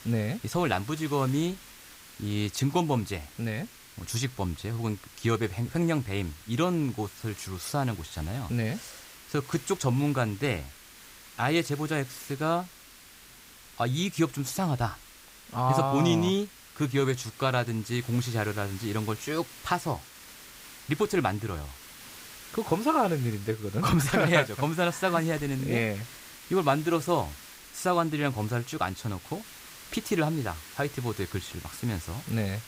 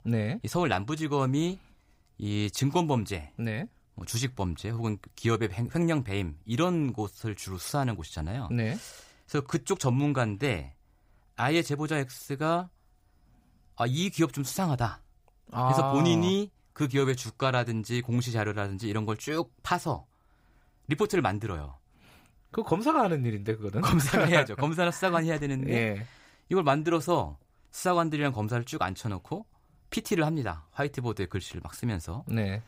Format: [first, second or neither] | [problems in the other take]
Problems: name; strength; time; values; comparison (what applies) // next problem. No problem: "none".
second | hiss; noticeable; throughout; 15 dB below the speech